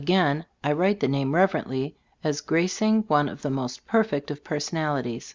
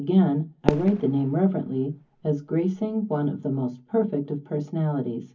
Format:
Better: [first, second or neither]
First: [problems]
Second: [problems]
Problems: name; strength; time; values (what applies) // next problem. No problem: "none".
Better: first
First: none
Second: background sound (Fireworks); 8 dB below the speech // room echo; dies away in 0.3 s